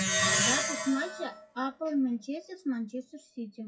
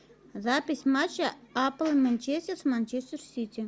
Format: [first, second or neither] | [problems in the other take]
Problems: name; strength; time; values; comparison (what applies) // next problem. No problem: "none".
second | noise reduction (classical method WPE with log-MMSE)